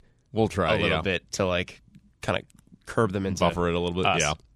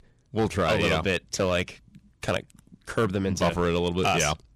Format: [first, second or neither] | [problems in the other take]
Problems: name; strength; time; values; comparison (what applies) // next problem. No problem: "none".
first | distortion; slight; 4% of the sound clipped